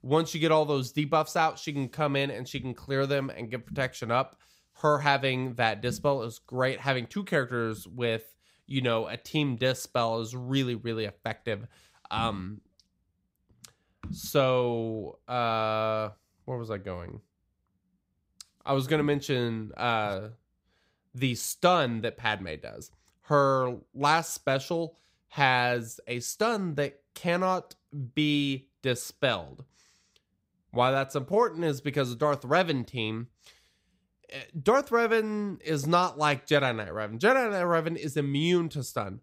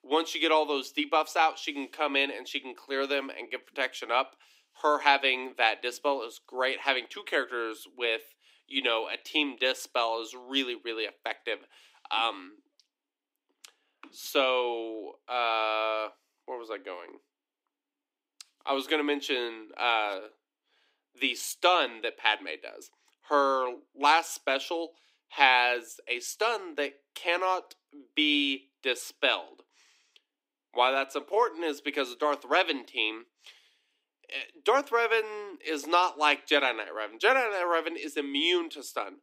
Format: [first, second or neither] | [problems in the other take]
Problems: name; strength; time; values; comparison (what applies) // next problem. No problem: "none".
first | thin; somewhat; fading below 300 Hz